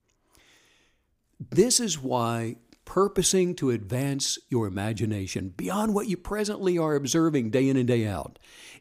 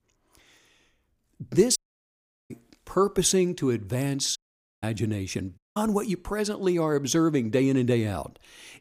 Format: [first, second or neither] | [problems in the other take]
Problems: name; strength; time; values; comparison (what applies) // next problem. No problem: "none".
first | audio cutting out; at 2 s for 0.5 s, at 4.5 s and at 5.5 s